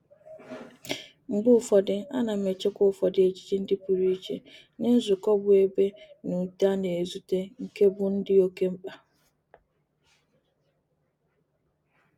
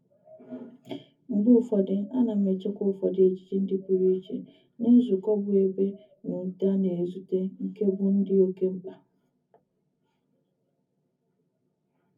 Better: first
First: none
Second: room echo; dies away in 0.3 s

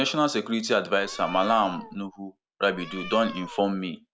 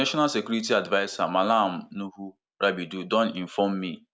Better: second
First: background sound (Meow); 15 dB below the speech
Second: none

